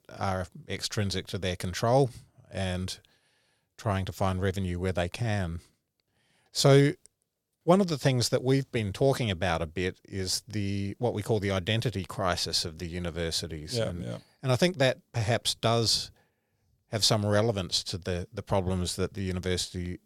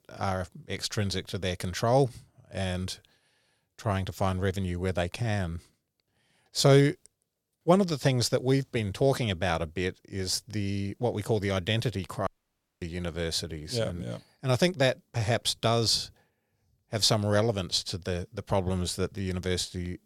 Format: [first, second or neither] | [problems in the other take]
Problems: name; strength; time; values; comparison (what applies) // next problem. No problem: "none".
first | audio cutting out; at 12 s for 0.5 s